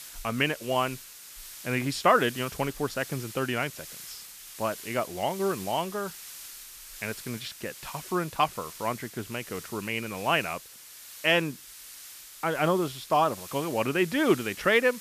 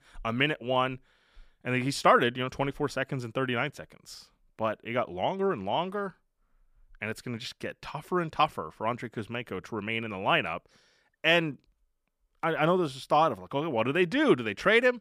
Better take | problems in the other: second | hiss; noticeable; throughout; 15 dB below the speech

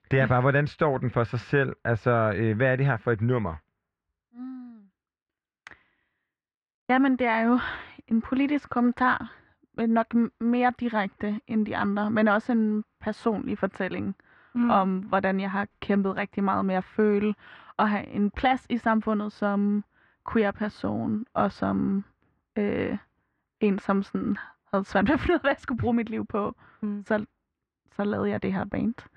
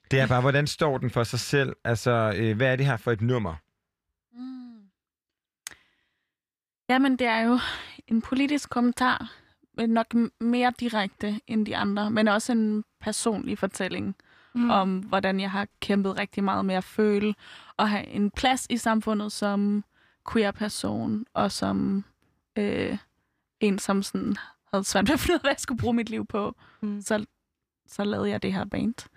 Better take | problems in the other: second | muffled; very; fading above 2 kHz

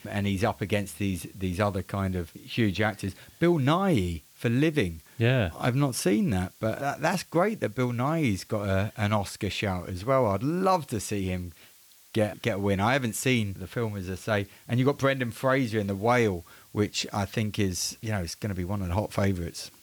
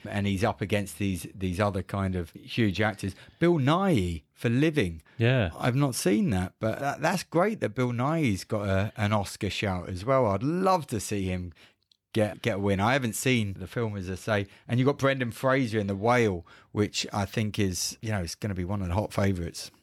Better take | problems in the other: second | hiss; faint; throughout; 25 dB below the speech

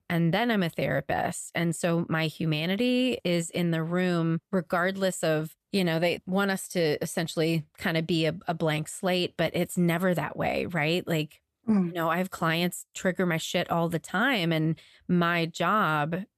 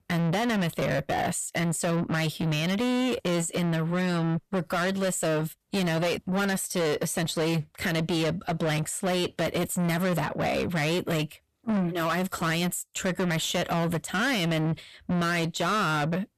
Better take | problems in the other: first | distortion; heavy; 8 dB below the speech

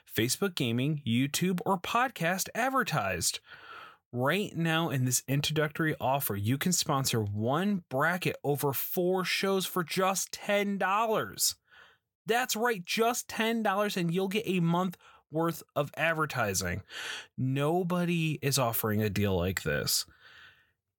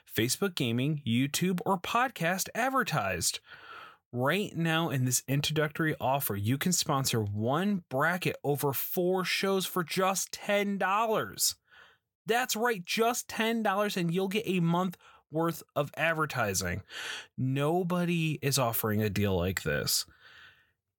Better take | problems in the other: neither | none

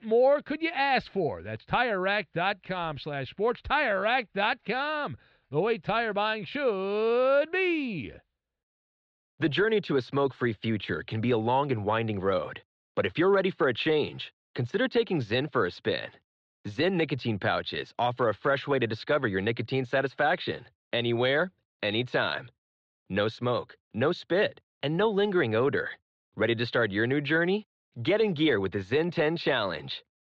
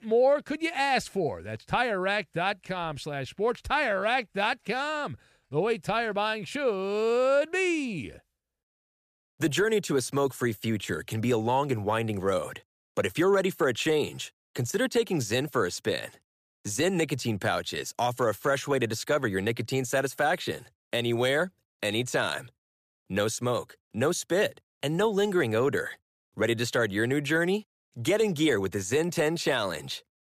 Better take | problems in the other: second | muffled; slightly; fading above 4 kHz

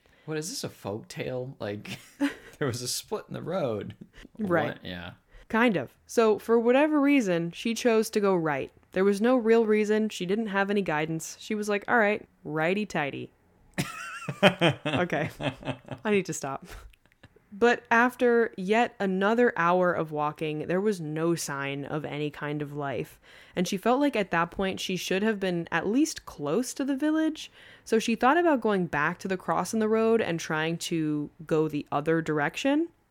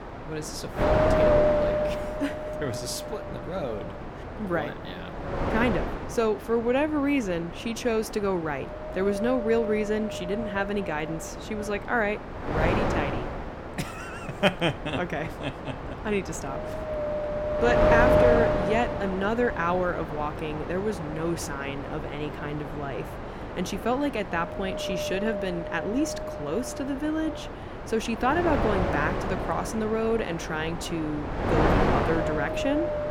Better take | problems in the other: first | wind noise on the microphone; heavy; as loud as the speech

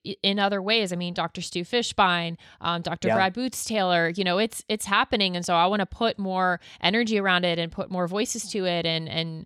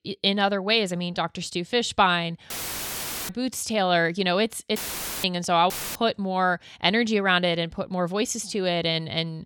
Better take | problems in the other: first | audio cutting out; filled with static; at 2.5 s for 1 s, at 5 s and at 5.5 s

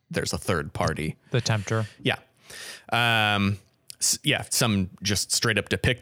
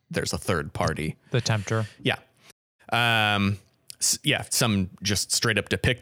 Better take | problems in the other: first | audio cutting out; at 2.5 s

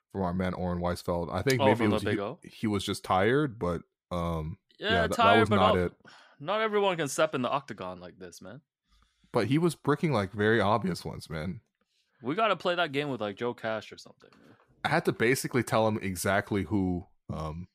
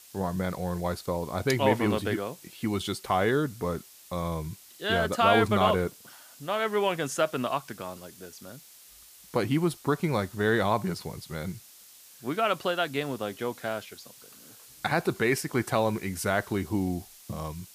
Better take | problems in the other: first | hiss; faint; throughout; 20 dB below the speech

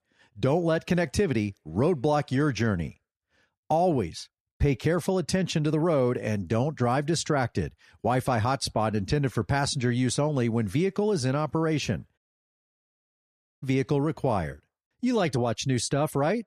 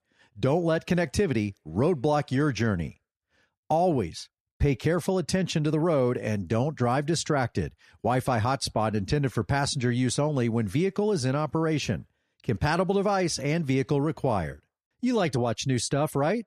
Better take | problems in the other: second | audio cutting out; at 12 s for 1.5 s

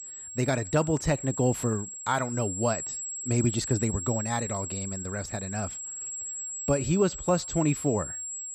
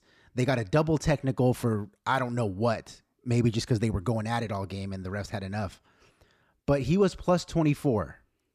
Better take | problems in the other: second | high-pitched whine; loud; throughout; 7.5 kHz, 6 dB below the speech

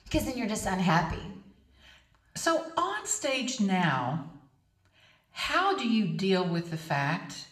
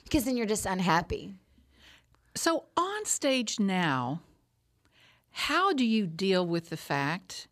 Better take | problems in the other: second | room echo; very slight; dies away in 0.7 s

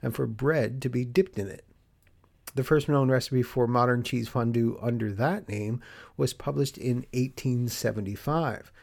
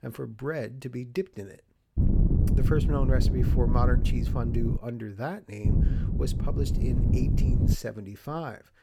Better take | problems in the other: first | wind noise on the microphone; heavy; from 2 to 5 s and from 5.5 to 8 s; 3 dB below the speech

